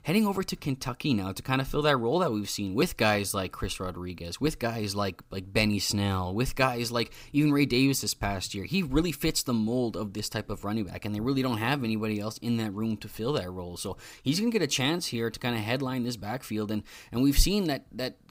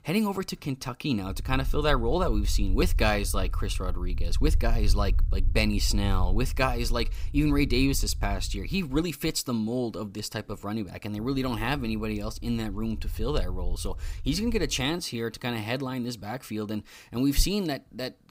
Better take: first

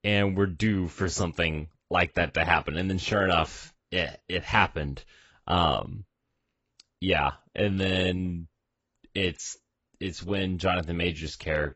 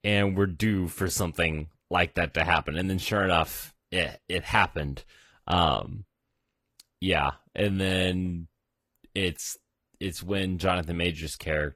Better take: second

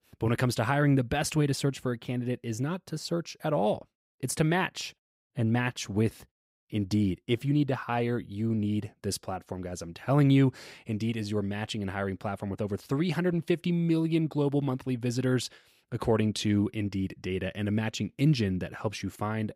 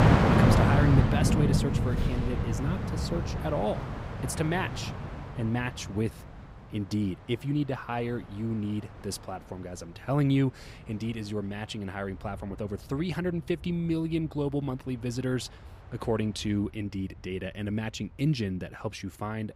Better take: first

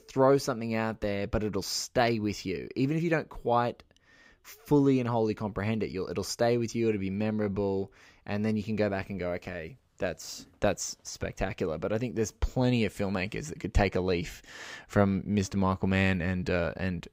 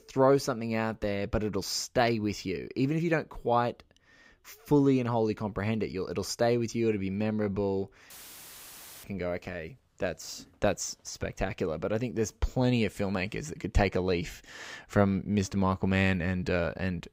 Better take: first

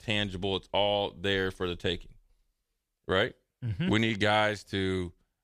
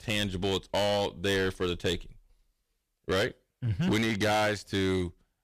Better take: first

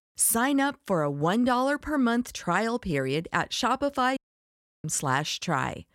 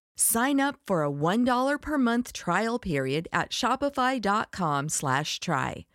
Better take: second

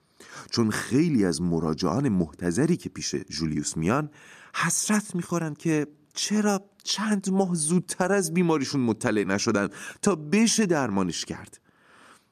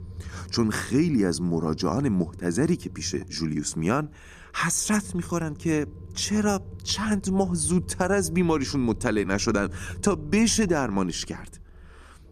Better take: first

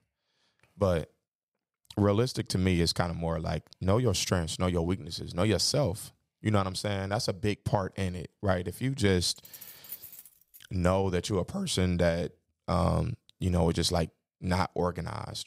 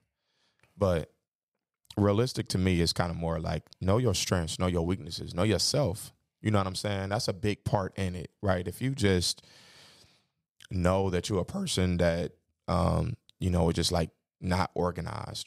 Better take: second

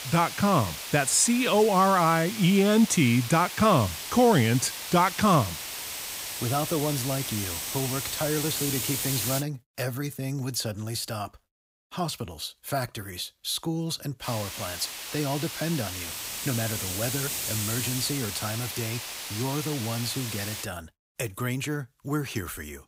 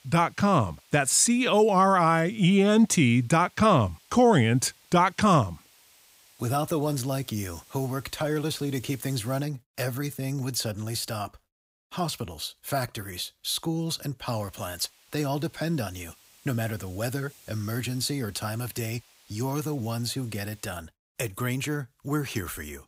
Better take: second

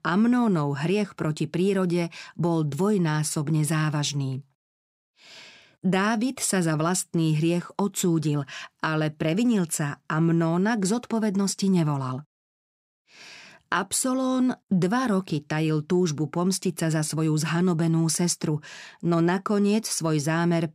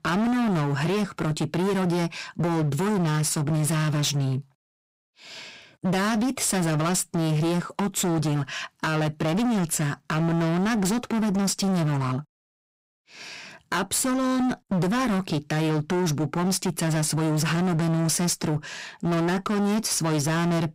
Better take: first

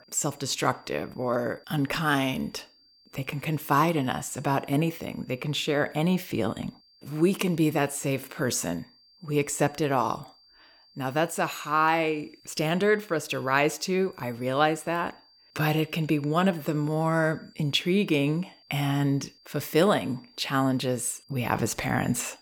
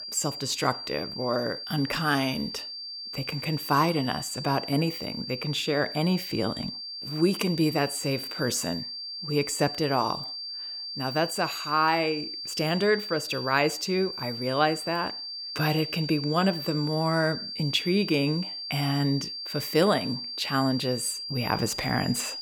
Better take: first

